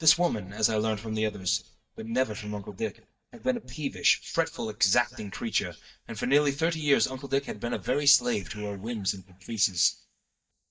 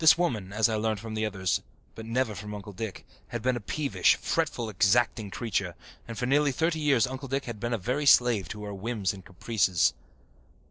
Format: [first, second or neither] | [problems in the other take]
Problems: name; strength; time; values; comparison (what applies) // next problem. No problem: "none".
second | noise reduction (neural mask model DeepFilterNet 3)